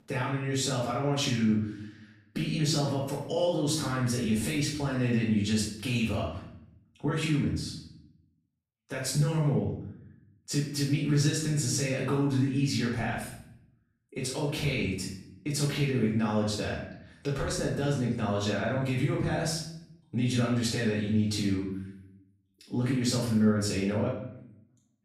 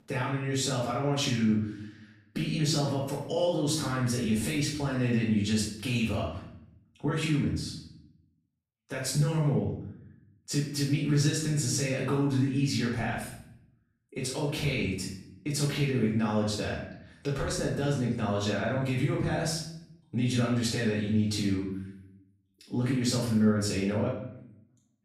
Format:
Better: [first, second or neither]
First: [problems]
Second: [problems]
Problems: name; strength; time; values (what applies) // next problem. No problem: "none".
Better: neither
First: off-mic speech; far // room echo; noticeable; dies away in 0.6 s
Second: off-mic speech; far // room echo; noticeable; dies away in 0.6 s